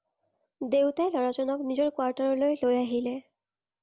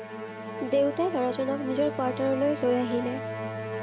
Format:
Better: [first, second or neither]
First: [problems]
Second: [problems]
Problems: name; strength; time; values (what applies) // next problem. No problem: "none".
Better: first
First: none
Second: background sound (Musical instrument); 7 dB below the speech